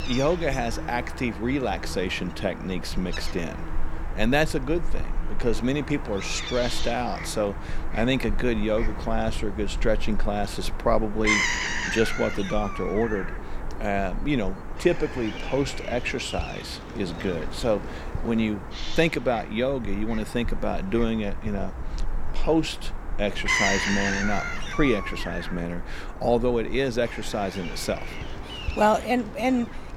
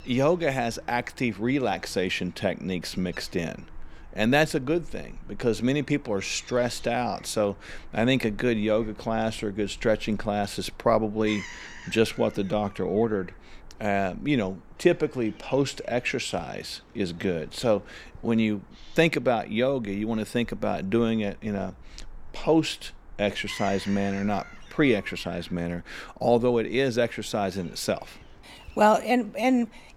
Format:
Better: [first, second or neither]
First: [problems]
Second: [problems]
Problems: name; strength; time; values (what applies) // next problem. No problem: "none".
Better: second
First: animal sounds; loud; throughout; 5 dB below the speech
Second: animal sounds; faint; throughout; 20 dB below the speech